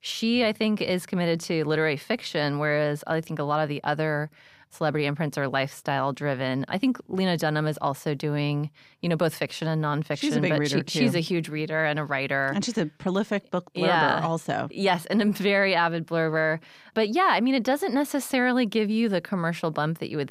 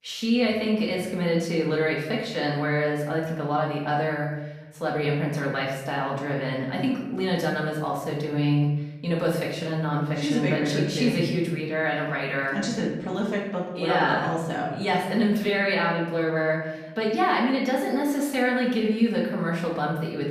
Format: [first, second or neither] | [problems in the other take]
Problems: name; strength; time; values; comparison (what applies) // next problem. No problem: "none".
first | off-mic speech; far // room echo; noticeable; dies away in 0.9 s